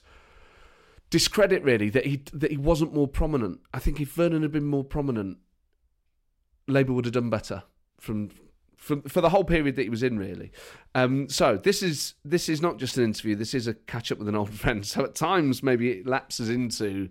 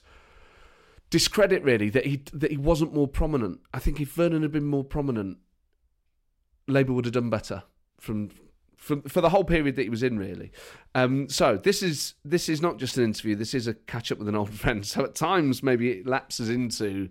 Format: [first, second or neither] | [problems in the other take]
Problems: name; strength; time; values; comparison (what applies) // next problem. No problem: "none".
neither | none